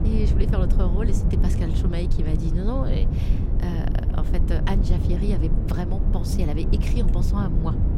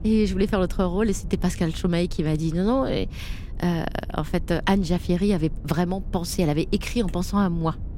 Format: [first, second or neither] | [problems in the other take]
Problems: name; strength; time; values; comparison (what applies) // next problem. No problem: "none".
second | low rumble; loud; throughout; 3 dB below the speech; faint in the second